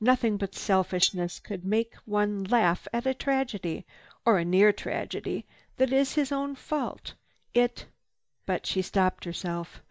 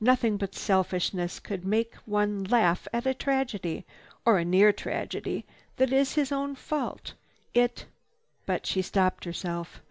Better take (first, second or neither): second